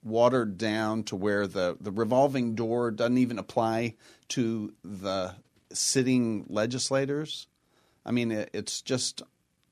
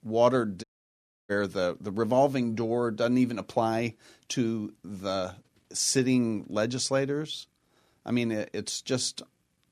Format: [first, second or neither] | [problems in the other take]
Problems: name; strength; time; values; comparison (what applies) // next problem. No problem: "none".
first | audio cutting out; at 0.5 s for 0.5 s